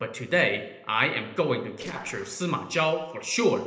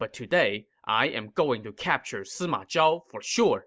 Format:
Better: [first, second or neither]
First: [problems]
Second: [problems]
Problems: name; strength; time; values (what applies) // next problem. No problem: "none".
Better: second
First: noise reduction (neural separator model SepFormer DNS4)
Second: none